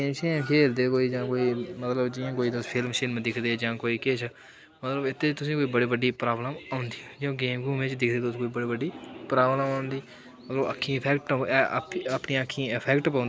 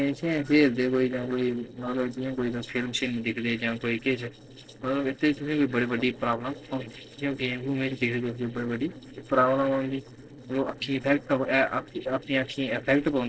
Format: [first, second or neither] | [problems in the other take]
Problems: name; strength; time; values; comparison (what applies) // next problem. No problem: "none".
first | noise reduction (neural separator model SepFormer DNS4)